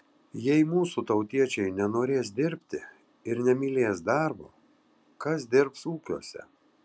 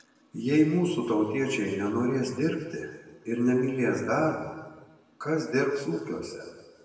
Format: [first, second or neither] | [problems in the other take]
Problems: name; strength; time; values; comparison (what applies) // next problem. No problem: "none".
first | room echo; dies away in 1.3 s